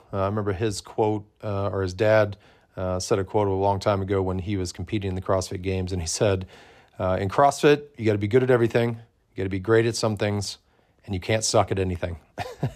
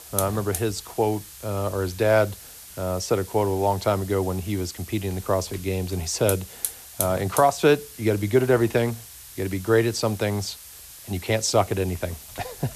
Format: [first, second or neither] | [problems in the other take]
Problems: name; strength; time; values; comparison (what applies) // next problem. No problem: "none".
first | hiss; noticeable; throughout; 10 dB below the speech